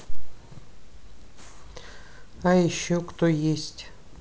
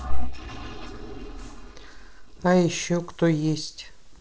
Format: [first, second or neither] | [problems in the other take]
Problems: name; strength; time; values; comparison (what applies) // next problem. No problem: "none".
first | noise reduction (neural separator model SepFormer DNS4)